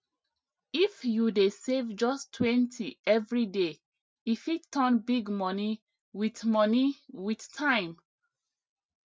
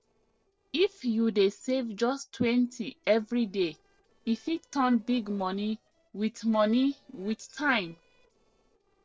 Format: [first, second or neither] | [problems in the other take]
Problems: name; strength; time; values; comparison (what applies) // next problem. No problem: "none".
first | noise reduction (neural separator model SepFormer DNS4)